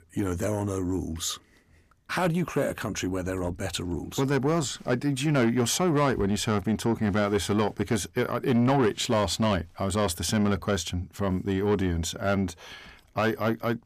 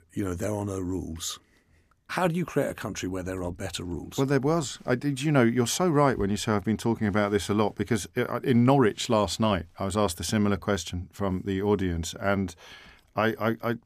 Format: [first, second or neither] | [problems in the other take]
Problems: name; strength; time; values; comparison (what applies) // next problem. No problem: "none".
second | distortion; slight; 10 dB below the speech